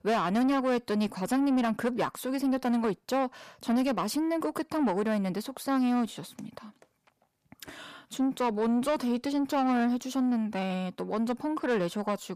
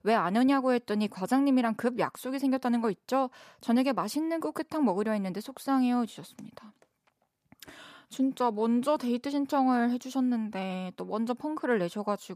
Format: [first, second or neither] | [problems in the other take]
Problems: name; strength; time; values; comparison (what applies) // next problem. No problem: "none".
second | distortion; slight; 10 dB below the speech